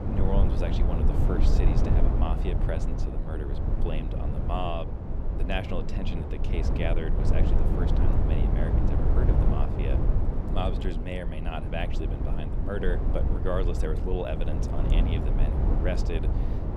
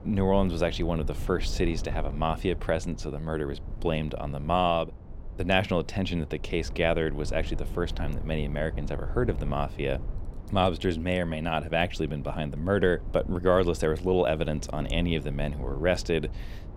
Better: second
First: low rumble; loud; throughout; 2 dB below the speech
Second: low rumble; faint; throughout; 20 dB below the speech

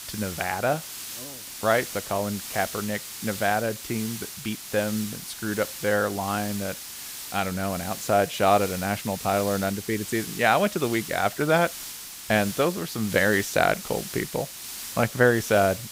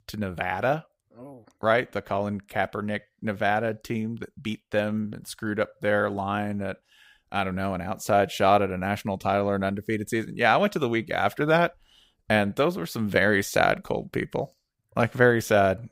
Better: second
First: hiss; loud; throughout; 9 dB below the speech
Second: none

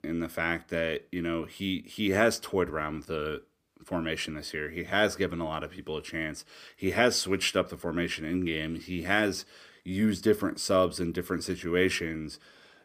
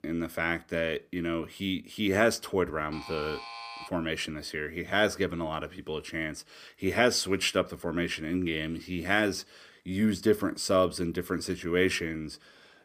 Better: first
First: none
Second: alarm; faint; at 3 s; peak 10 dB below the speech

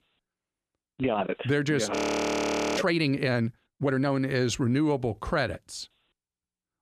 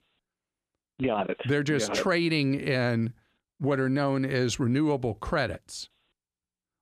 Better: second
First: audio freezing; at 2 s for 1 s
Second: none

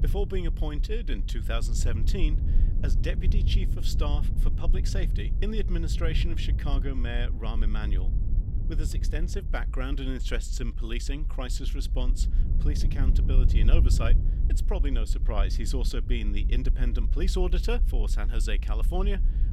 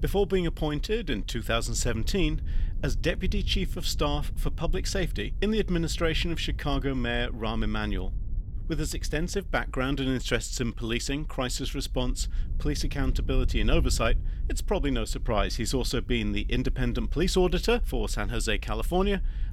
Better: second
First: low rumble; loud; throughout; 10 dB below the speech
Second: low rumble; faint; throughout; 25 dB below the speech

